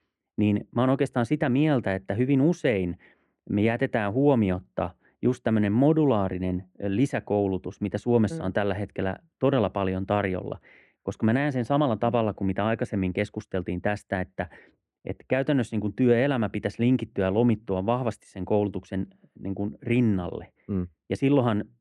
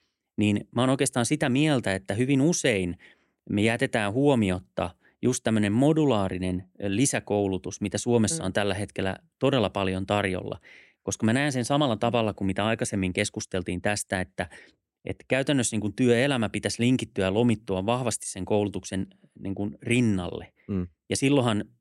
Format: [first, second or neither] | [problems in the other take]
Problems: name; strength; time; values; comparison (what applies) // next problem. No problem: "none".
second | muffled; very; fading above 3.5 kHz